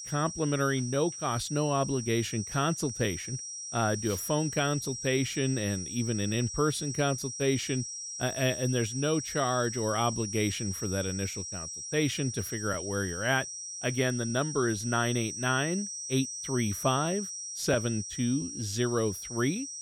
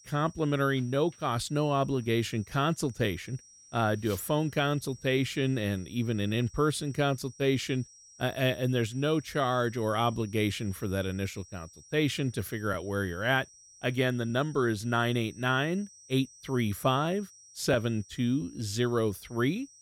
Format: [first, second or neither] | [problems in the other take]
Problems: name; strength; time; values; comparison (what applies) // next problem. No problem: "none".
second | high-pitched whine; loud; throughout; 5.5 kHz, 6 dB below the speech; faint in the second